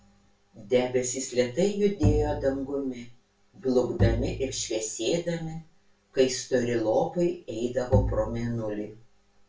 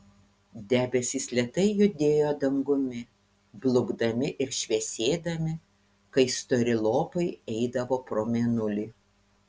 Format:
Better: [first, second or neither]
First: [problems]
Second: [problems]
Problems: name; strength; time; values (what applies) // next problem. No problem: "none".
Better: second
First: background sound (Bowed string instrument); 2 dB below the speech // room echo; dies away in 0.2 s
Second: none